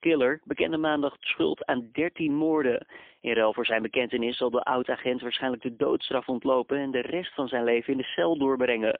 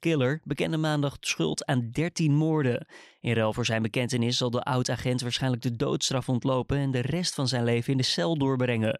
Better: second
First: phone-call audio; poor line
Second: none

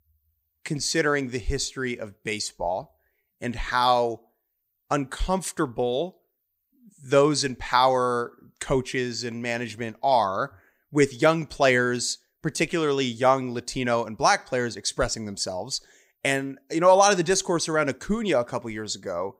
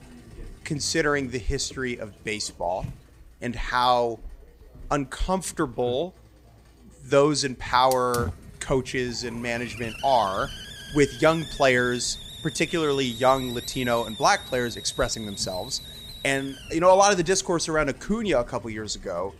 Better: first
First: none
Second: hiss; noticeable; throughout; 15 dB below the speech

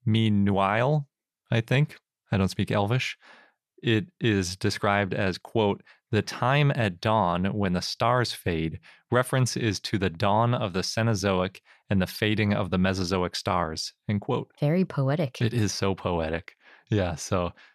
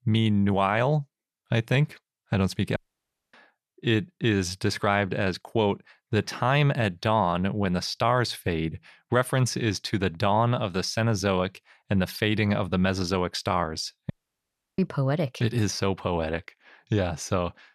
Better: first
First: none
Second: audio cutting out; at 3 s for 0.5 s and at 14 s for 0.5 s

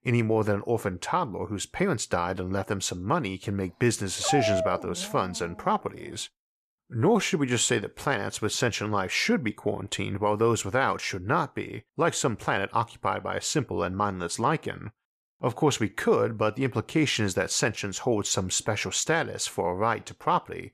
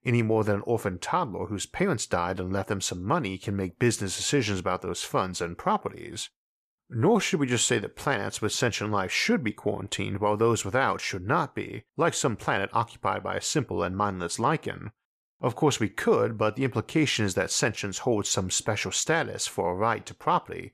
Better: second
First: dog barking; loud; from 4 to 5.5 s; peak 1 dB above the speech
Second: none

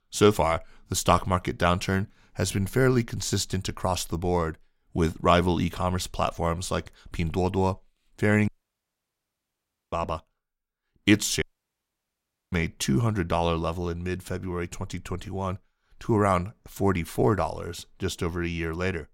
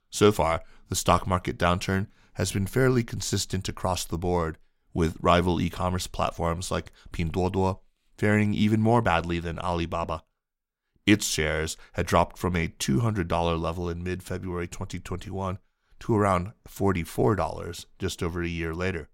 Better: second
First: audio cutting out; at 8.5 s for 1.5 s and at 11 s for 1 s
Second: none

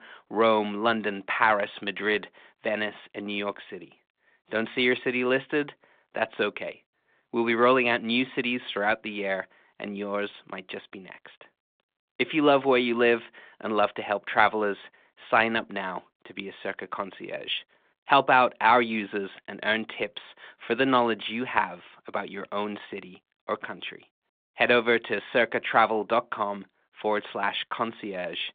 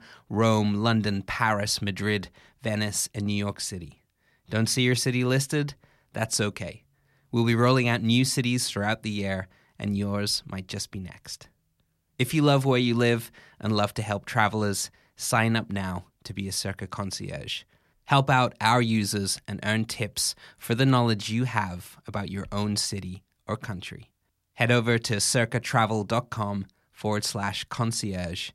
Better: second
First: phone-call audio; nothing above 3.5 kHz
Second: none

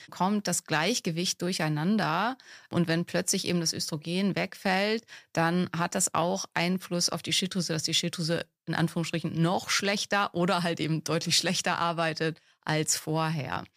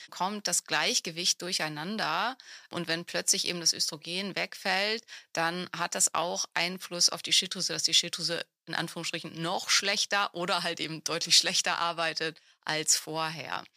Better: first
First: none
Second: thin; somewhat; fading below 1 kHz

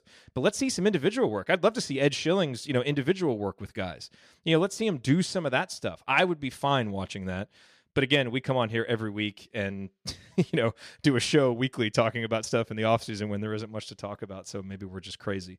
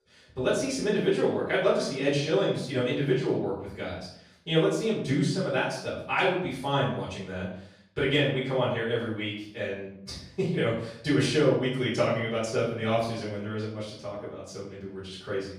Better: first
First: none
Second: off-mic speech; far // room echo; noticeable; dies away in 0.6 s

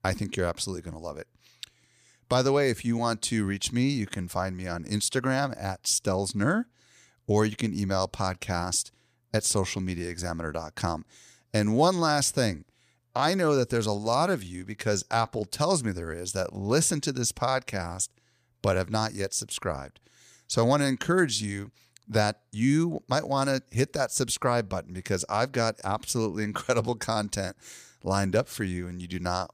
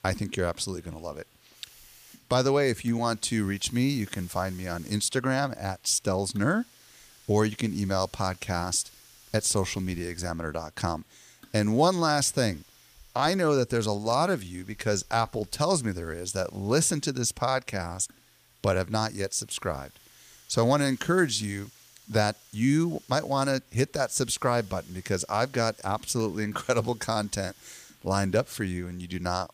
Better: first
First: none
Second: hiss; faint; throughout; 25 dB below the speech

